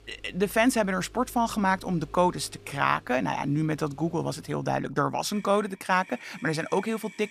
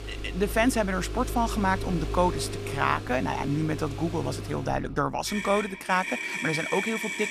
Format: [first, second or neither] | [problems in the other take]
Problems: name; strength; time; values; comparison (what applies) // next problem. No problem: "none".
first | traffic noise; loud; throughout; 6 dB below the speech; faint in the first